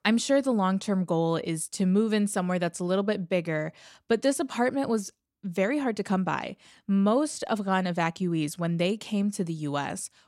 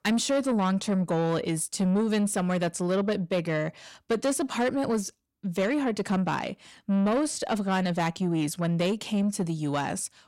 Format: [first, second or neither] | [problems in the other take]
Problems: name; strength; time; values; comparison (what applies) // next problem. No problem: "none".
first | distortion; slight; 10 dB below the speech